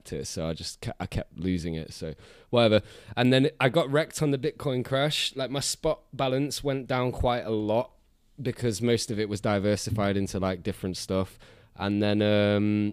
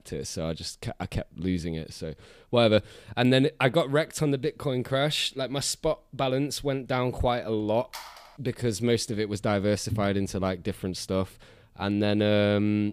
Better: first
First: none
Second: phone ringing; faint; at 8 s; peak 15 dB below the speech

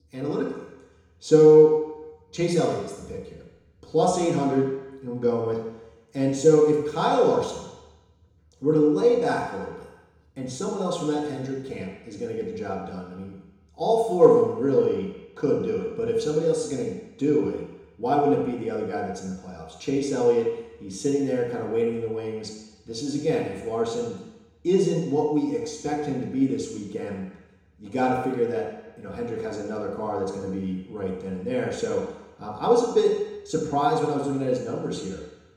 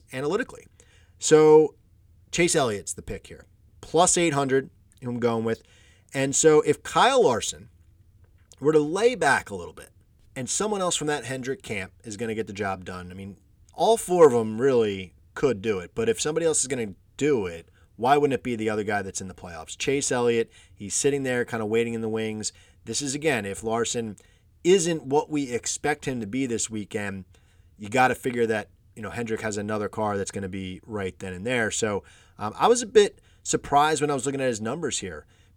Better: second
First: room echo; noticeable; dies away in 1 s // off-mic speech; far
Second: none

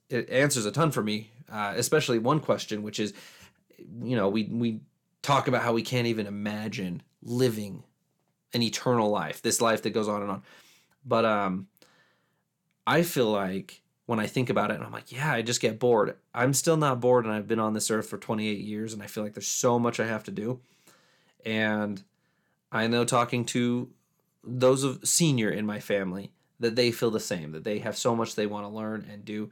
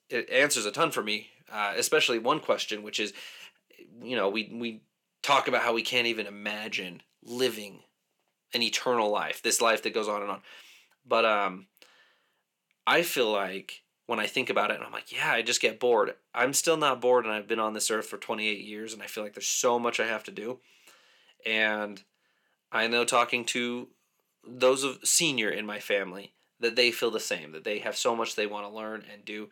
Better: first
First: none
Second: thin; somewhat; fading below 350 Hz

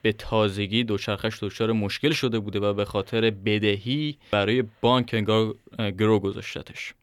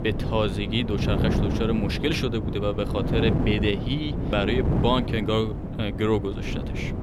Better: first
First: none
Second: wind noise on the microphone; heavy; 6 dB below the speech

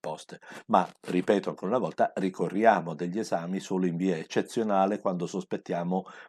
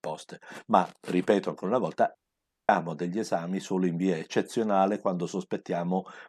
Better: first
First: none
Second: audio cutting out; at 2 s for 0.5 s

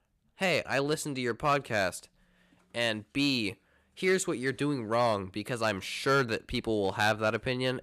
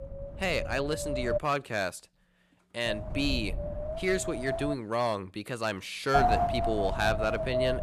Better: first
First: none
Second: wind noise on the microphone; heavy; until 1.5 s, from 3 to 4.5 s and from 6 s on; as loud as the speech

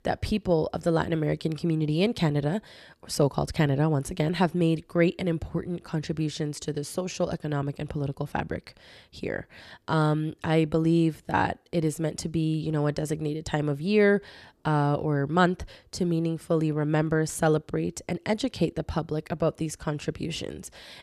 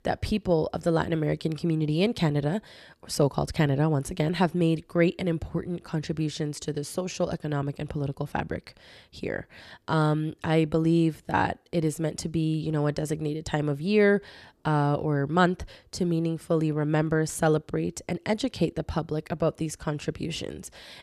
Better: neither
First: none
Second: none

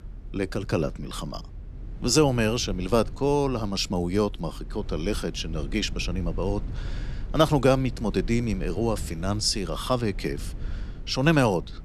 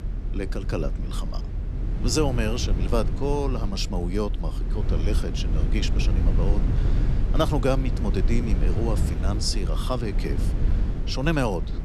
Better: first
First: low rumble; faint; throughout; 25 dB below the speech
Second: low rumble; loud; throughout; 9 dB below the speech

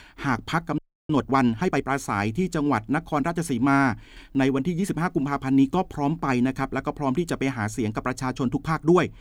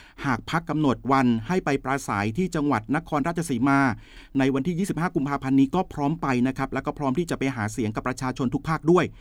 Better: second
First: audio freezing; at 1 s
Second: none

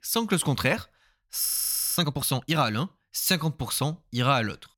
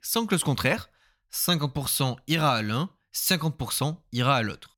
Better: second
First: audio freezing; at 1.5 s for 0.5 s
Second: none

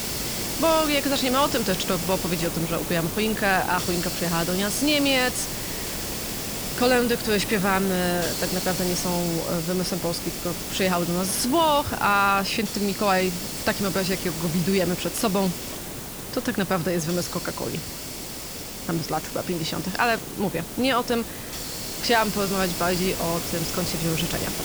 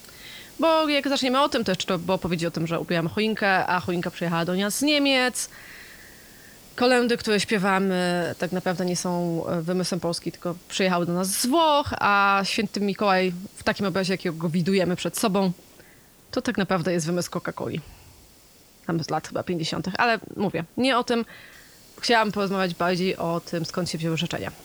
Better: second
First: hiss; loud; throughout; 5 dB below the speech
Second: hiss; faint; throughout; 25 dB below the speech

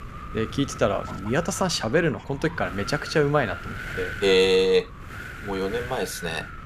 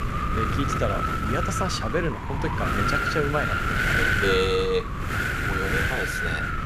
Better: first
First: wind noise on the microphone; occasional gusts; 10 dB below the speech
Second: wind noise on the microphone; heavy; 4 dB above the speech

